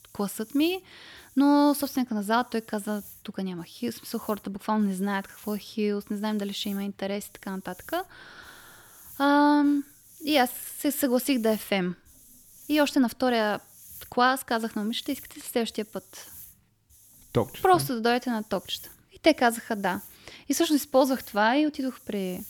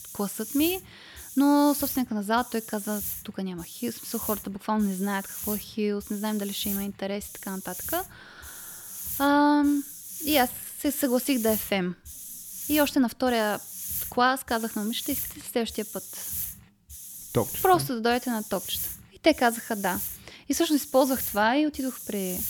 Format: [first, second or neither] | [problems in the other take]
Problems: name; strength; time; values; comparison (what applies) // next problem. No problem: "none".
first | hiss; loud; throughout; 8 dB below the speech; faint in the first